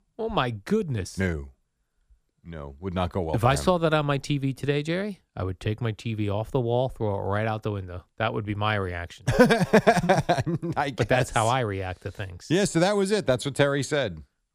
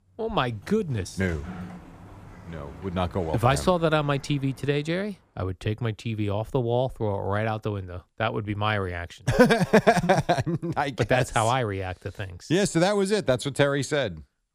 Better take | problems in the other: first | door banging; faint; until 5 s; peak 15 dB below the speech

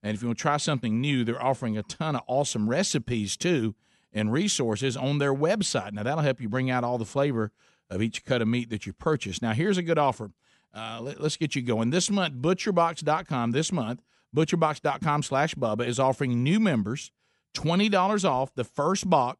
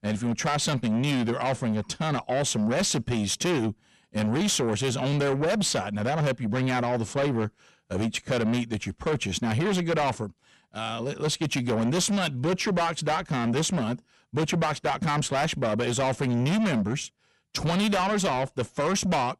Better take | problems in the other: first | distortion; heavy; 7 dB below the speech

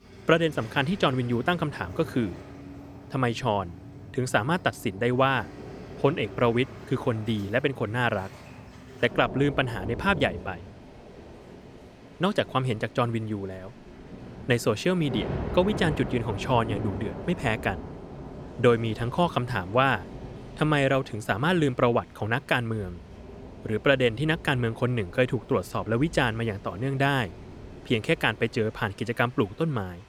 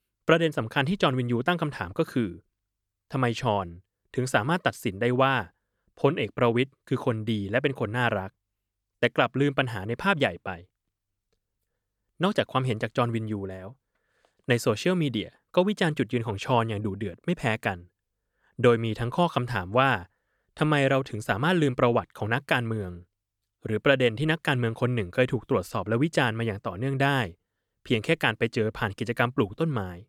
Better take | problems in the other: second | rain or running water; noticeable; throughout; 15 dB below the speech

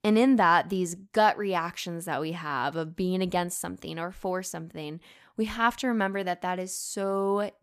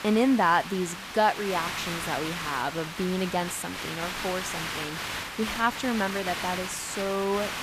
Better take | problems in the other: first | hiss; loud; throughout; 5 dB below the speech

